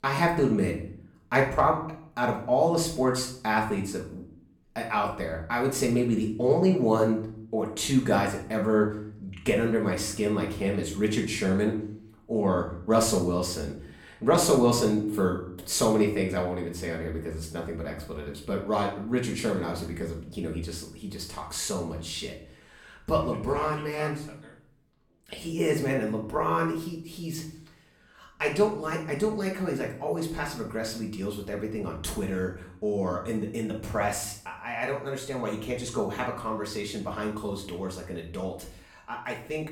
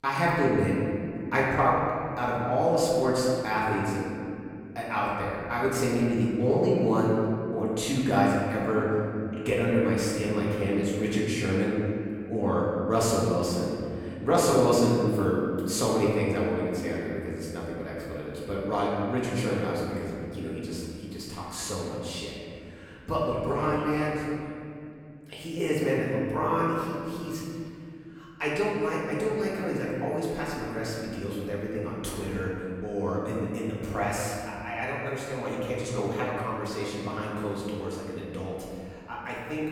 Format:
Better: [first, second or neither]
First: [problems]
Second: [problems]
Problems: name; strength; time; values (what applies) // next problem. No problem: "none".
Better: first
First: room echo; slight; dies away in 0.5 s // off-mic speech; far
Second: room echo; strong; dies away in 2.6 s // off-mic speech; far